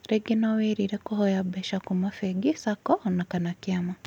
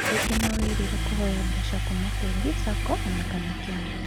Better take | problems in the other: first | background sound (Engine starting / Car); 5 dB above the speech

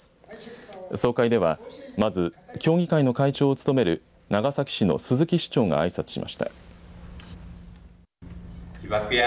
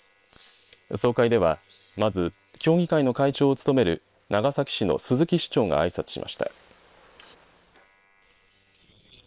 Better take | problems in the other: first | noise reduction (neural separator model SepFormer WHAM!)

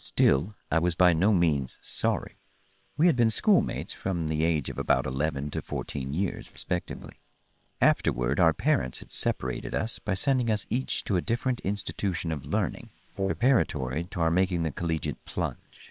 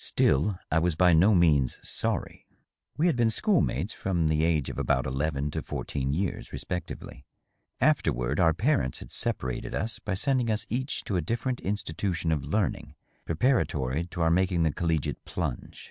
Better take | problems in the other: second | noise reduction (neural separator model SepFormer WHAM!)

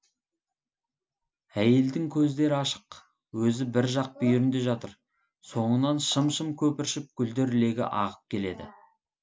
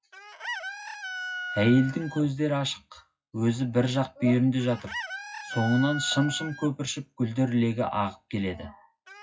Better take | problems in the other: first | noise reduction (classical method WPE with log-MMSE)

